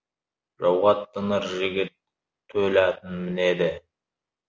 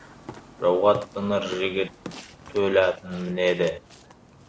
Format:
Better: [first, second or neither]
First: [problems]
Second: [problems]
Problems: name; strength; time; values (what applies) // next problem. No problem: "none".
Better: first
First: none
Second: background sound (Burping, eructation); 17 dB below the speech